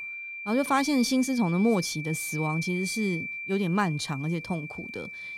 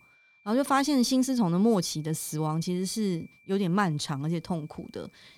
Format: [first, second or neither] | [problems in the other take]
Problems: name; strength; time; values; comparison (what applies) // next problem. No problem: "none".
second | high-pitched whine; loud; throughout; 2.5 kHz, 8 dB below the speech; faint in the second